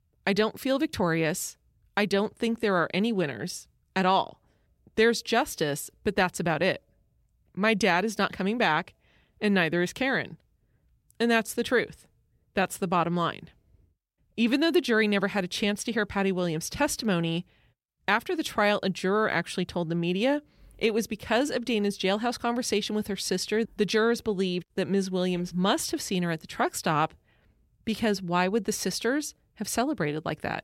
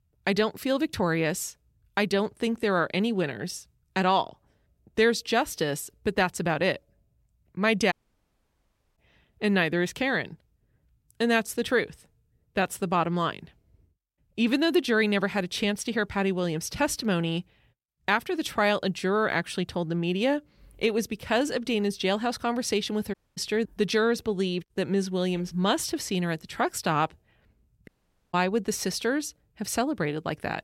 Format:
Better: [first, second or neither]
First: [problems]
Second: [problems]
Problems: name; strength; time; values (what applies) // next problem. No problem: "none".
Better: first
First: none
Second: audio cutting out; at 8 s for 1 s, at 23 s and at 28 s